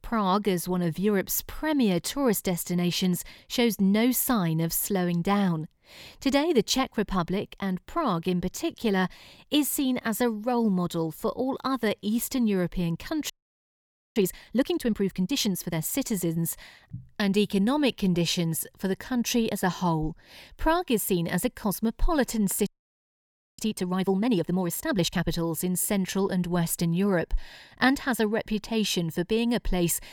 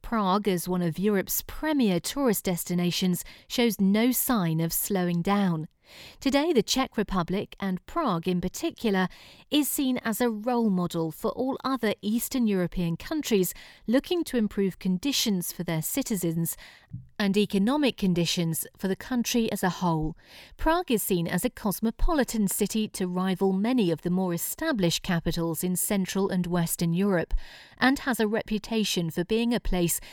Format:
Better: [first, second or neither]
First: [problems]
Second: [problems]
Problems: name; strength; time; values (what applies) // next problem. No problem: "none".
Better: second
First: audio freezing; at 13 s for 1 s and at 23 s for 1 s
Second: none